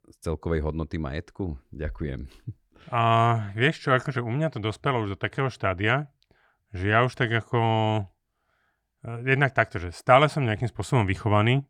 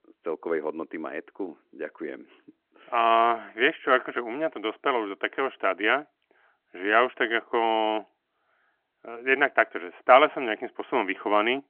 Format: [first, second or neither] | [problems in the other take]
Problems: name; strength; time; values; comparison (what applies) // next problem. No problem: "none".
first | phone-call audio; nothing above 3 kHz